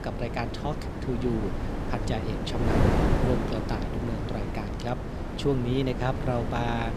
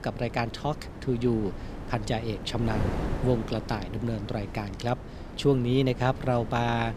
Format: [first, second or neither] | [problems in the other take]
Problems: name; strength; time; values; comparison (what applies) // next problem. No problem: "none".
second | wind noise on the microphone; heavy; 1 dB below the speech; occasional gusts in the second